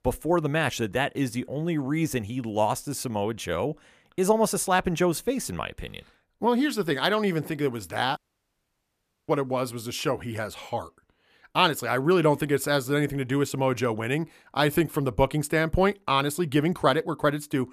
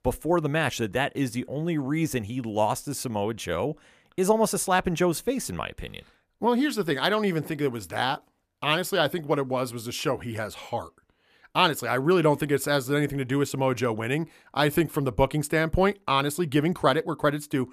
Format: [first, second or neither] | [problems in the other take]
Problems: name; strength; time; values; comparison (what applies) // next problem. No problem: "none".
second | audio cutting out; at 8 s for 1 s